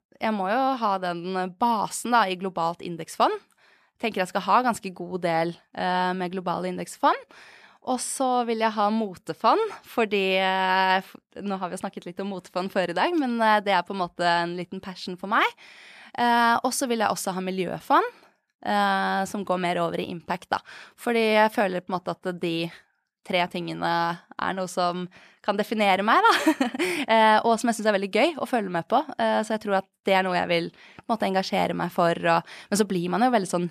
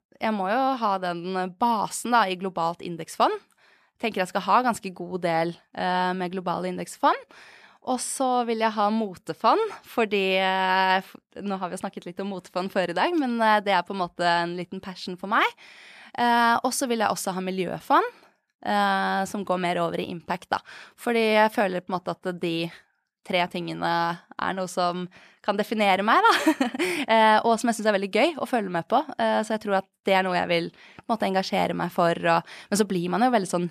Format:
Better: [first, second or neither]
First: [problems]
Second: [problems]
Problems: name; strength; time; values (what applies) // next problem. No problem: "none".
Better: neither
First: none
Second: none